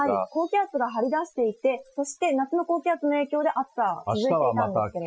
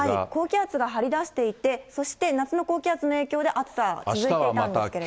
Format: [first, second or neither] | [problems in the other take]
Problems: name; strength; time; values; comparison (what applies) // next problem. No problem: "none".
second | noise reduction (classical method Wiener filter)